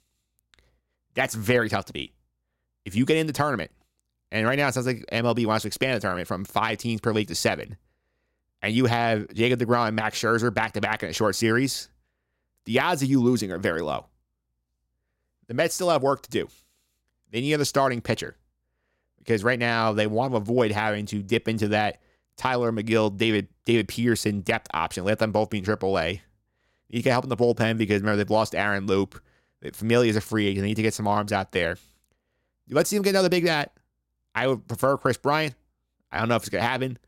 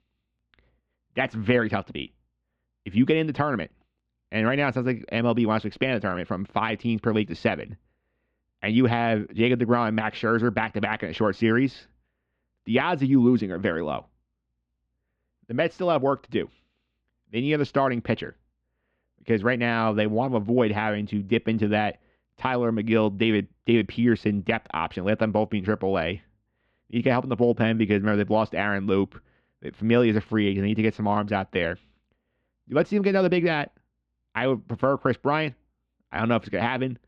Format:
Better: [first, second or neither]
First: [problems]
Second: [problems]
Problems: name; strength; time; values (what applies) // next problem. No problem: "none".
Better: first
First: none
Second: muffled; slightly; fading above 3 kHz